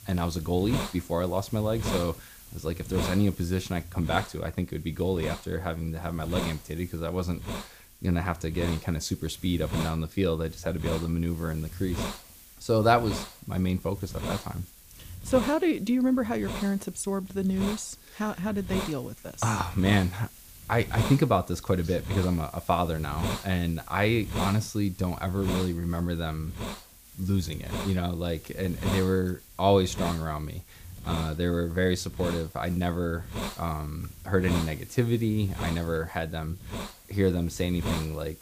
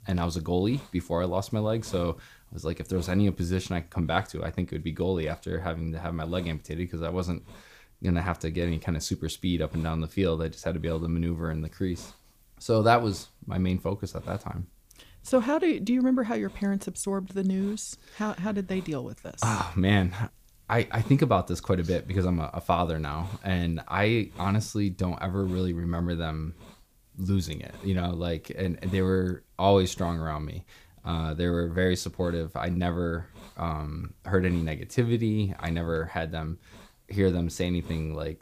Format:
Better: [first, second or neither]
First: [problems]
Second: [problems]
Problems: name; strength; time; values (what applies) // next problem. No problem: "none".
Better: second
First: hiss; loud; throughout; 9 dB below the speech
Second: hiss; faint; throughout; 25 dB below the speech